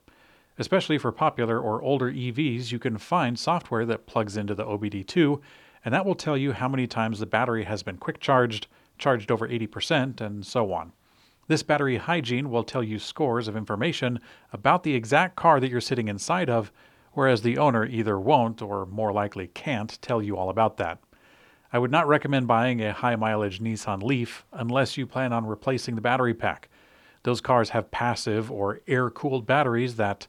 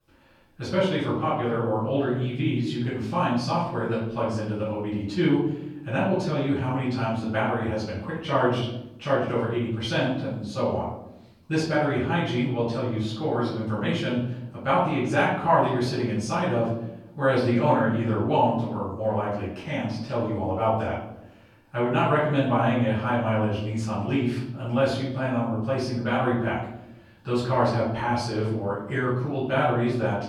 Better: first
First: none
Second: off-mic speech; far // room echo; noticeable; dies away in 0.9 s

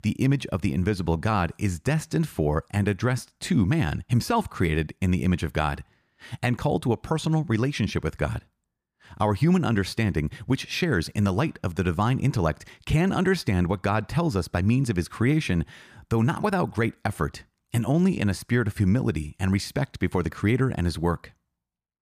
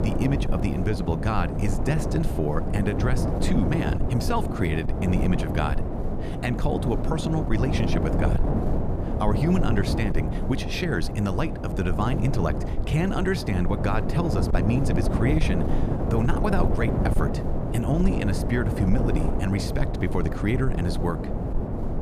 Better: first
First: none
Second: wind noise on the microphone; heavy; 3 dB below the speech

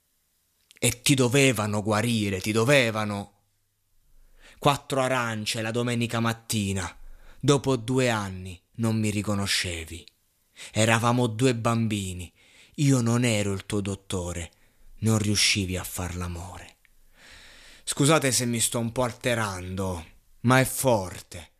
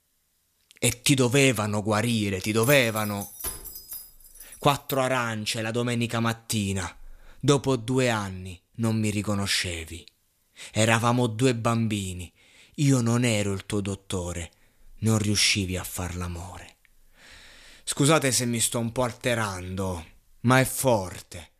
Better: first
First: none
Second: jangling keys; noticeable; from 2.5 to 5 s; peak 7 dB below the speech

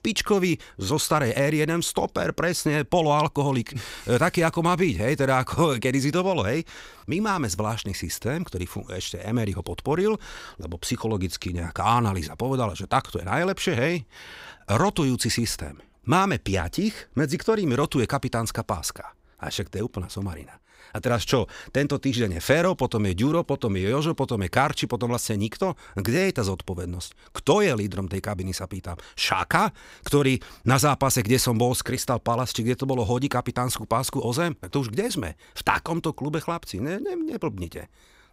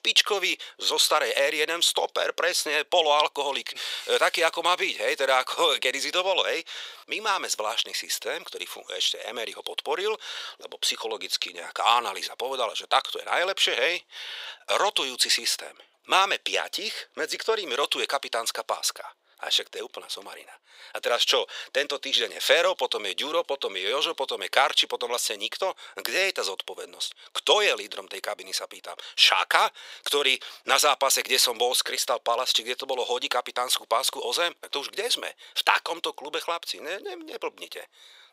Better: first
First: none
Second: thin; very; fading below 500 Hz

